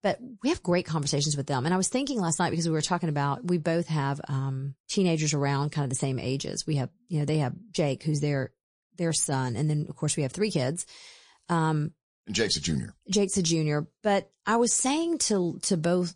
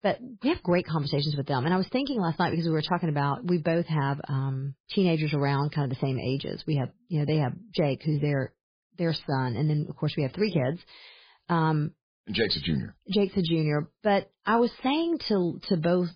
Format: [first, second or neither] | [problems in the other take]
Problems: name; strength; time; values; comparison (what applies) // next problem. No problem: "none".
first | garbled, watery; badly; nothing above 5 kHz; slightly in the first